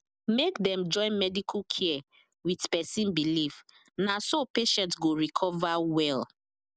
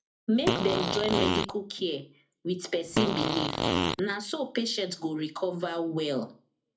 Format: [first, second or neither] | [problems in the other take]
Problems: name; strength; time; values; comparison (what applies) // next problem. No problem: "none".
first | background sound (Fart); 2 dB above the speech // room echo; dies away in 0.3 s